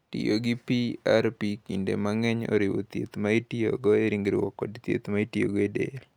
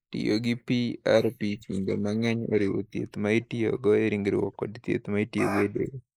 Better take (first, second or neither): first